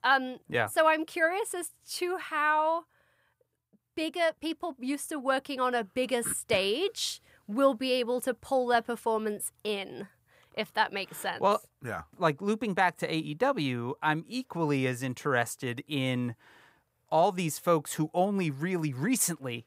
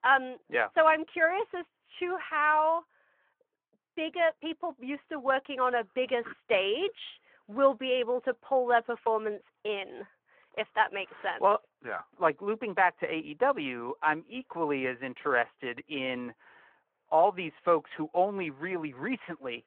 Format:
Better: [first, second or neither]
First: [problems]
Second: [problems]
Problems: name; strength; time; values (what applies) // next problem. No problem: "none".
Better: first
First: none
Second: phone-call audio